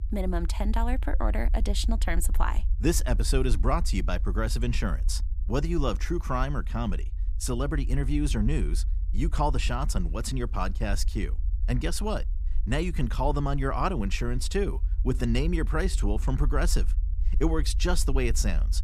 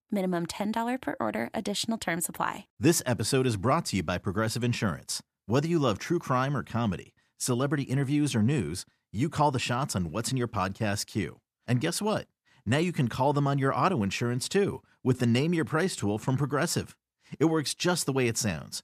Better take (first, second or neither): second